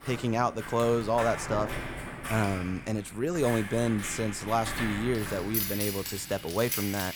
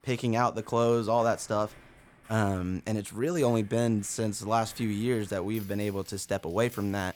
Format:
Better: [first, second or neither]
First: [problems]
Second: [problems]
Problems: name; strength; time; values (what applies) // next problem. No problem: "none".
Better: second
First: household noises; loud; throughout; 5 dB below the speech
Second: household noises; faint; throughout; 25 dB below the speech